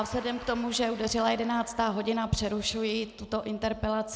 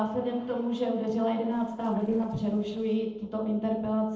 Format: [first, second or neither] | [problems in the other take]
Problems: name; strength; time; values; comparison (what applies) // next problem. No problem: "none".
first | noise reduction (neural separator model SepFormer DNS4)